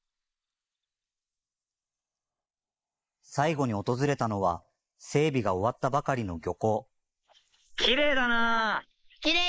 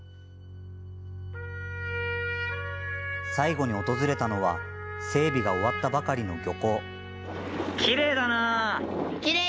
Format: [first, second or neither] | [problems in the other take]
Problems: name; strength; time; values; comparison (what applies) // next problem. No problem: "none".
second | noise reduction (neural mask model Resemble Enhance denoiser)